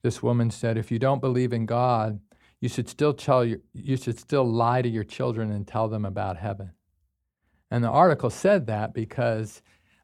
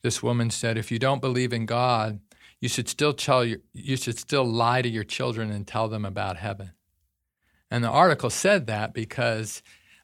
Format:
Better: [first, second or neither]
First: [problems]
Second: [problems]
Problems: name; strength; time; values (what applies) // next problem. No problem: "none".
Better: second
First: muffled; slightly; fading above 1.5 kHz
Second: none